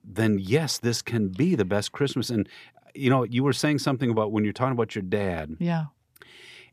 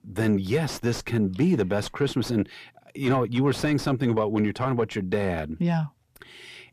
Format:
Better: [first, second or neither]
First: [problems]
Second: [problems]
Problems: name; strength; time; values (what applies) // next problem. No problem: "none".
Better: first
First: none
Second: distortion; slight; 10 dB below the speech